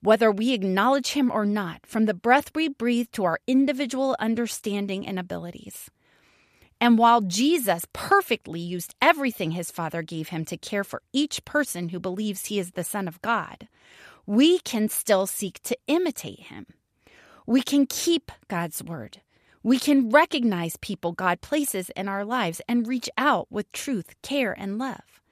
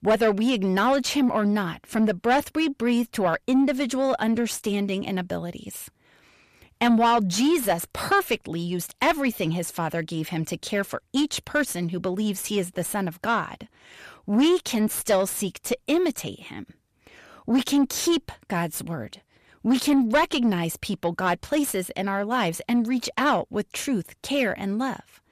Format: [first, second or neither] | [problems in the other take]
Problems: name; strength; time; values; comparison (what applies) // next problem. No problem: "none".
first | distortion; slight; 10 dB below the speech